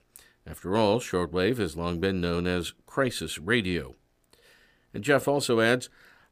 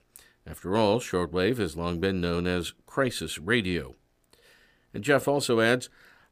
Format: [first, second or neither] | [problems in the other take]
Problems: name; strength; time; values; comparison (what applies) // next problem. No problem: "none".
neither | none